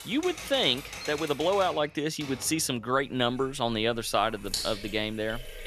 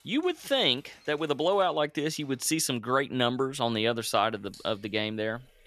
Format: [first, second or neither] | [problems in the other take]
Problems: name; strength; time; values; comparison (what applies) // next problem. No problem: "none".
second | household noises; loud; throughout; 10 dB below the speech; faint in the second